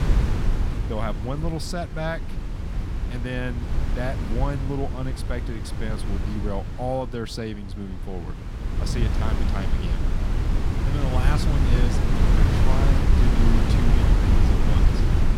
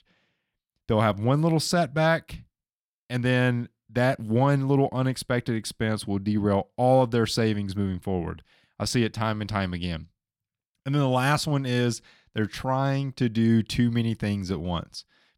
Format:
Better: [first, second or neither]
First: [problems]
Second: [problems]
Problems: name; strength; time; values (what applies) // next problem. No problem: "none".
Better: second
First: wind noise on the microphone; heavy; 1 dB below the speech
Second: none